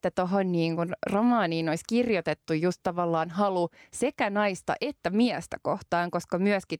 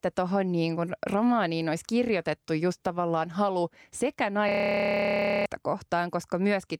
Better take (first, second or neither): first